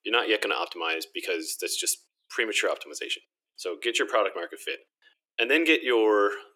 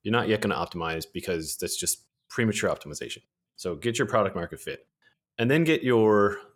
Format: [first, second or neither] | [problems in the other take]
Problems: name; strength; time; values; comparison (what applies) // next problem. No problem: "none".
second | thin; very; fading below 300 Hz